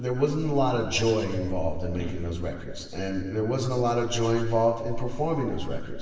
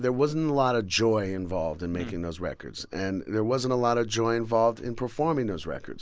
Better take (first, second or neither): second